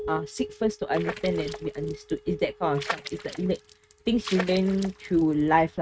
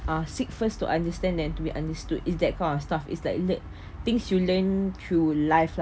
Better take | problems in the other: second | noise reduction (neural mask model RNNoise)

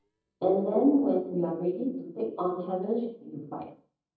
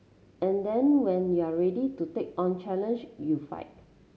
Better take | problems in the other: second | noise reduction (neural mask model DeepFilterNet 3)

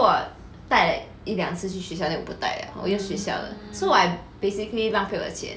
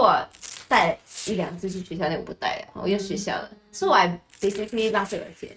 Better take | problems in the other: first | noise reduction (neural mask model RNNoise)

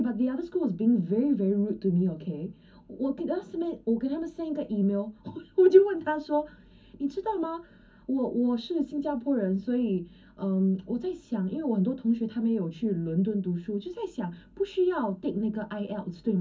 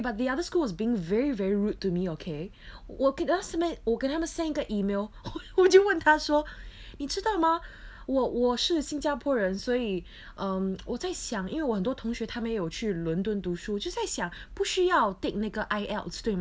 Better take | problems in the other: second | room echo; dies away in 0.4 s

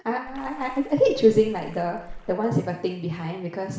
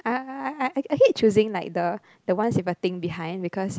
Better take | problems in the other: second | background sound (Splash, splatter); 16 dB below the speech // room echo; dies away in 0.8 s

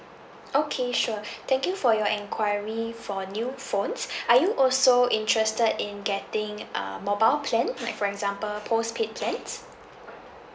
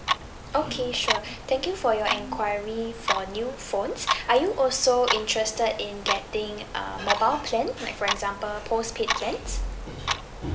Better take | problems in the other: first | background sound (Clock); 5 dB below the speech

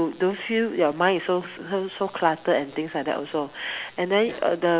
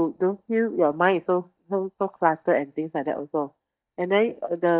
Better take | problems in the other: first | noise reduction (neural mask model DeepFilterNet 3)

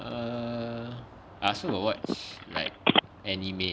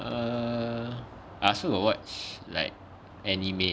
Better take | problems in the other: second | background sound (Telephone); 2 dB above the speech

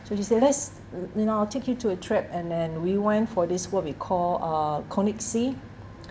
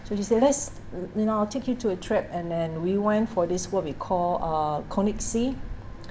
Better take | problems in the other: first | background sound (Wind); 14 dB below the speech

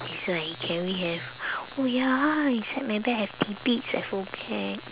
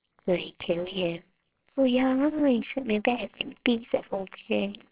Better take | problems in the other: first | noise reduction (neural separator model SepFormer WHAMR!)

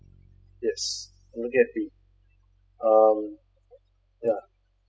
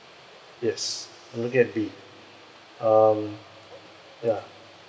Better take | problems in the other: second | noise reduction (classical method spectral subtraction)

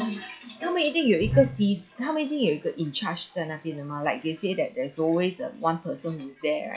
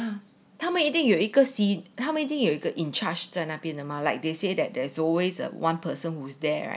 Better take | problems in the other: second | noise reduction (classical method log-MMSE)

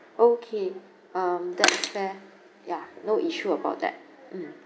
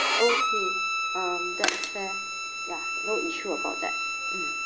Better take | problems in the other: first | background sound (Bowed string instrument); 3 dB above the speech

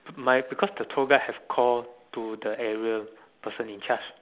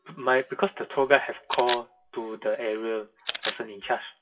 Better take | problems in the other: first | noise reduction (classical method WPE with log-MMSE)

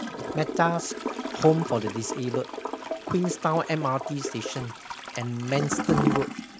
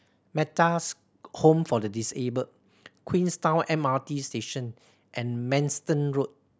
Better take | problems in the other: second | background sound (Toilet flush / Gurgling); 4 dB below the speech

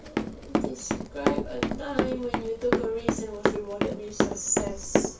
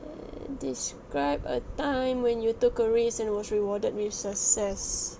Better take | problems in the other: second | background sound (Run); 4 dB above the speech // room echo; dies away in 0.3 s

